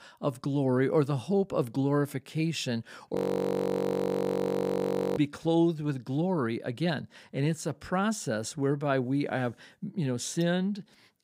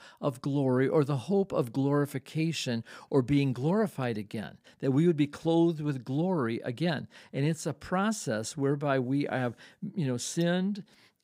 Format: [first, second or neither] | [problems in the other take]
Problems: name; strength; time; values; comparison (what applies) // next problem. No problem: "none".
second | audio freezing; at 3 s for 2 s